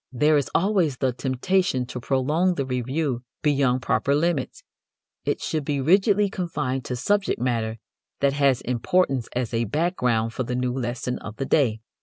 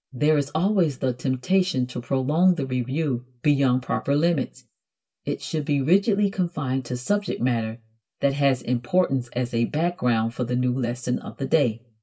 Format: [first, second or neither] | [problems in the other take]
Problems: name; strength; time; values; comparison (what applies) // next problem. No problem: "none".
first | room echo; dies away in 0.2 s